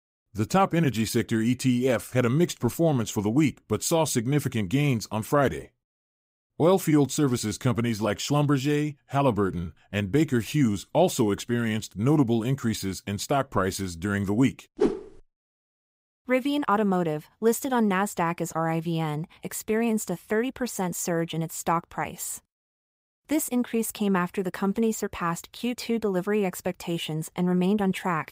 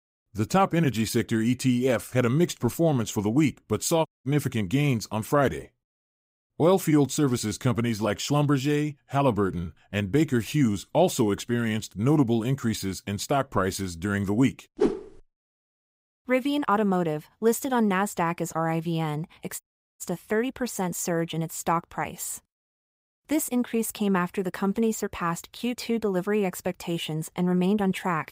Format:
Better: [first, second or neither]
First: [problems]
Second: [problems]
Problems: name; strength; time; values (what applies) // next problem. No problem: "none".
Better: first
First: none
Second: audio cutting out; at 4 s and at 20 s